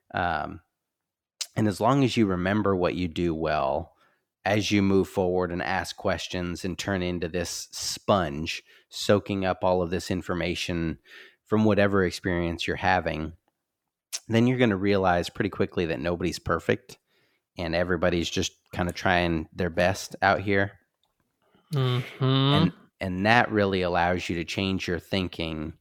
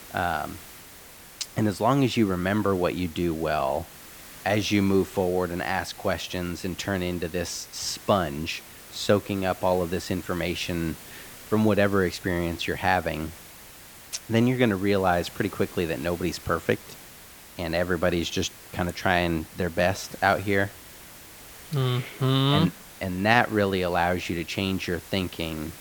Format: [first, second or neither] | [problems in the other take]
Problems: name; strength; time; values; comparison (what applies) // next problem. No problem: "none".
first | hiss; noticeable; throughout; 15 dB below the speech